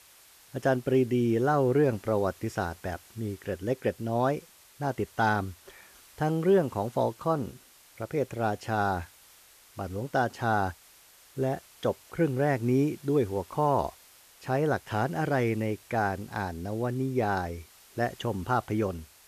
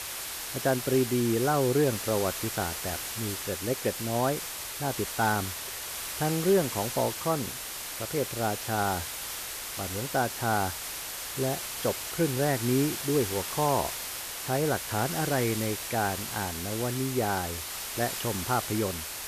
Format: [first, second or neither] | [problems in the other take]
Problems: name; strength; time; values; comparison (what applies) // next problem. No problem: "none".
first | hiss; loud; throughout; 4 dB below the speech; faint in the first